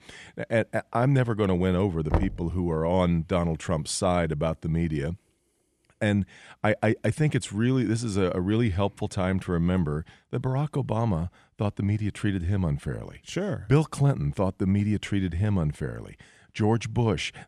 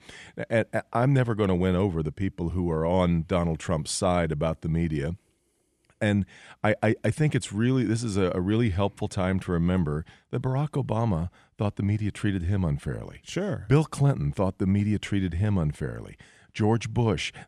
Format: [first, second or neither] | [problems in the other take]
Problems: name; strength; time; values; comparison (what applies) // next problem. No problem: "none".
second | door banging; noticeable; at 2 s; peak 2 dB below the speech